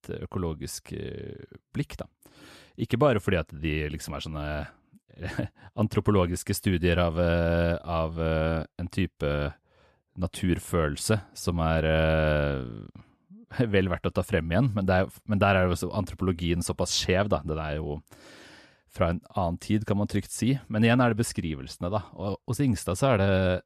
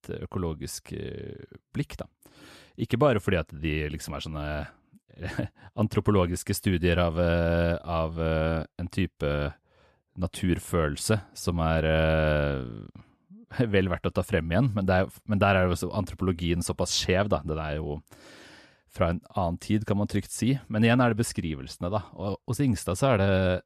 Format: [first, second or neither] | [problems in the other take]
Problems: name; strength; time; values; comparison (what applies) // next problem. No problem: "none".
neither | none